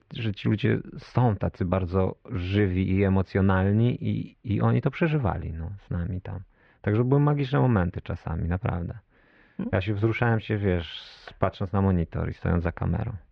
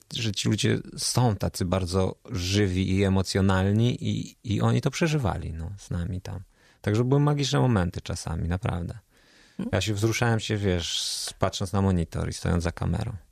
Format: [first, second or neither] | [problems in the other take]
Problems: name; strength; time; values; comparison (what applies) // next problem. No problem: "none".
second | muffled; very; fading above 2.5 kHz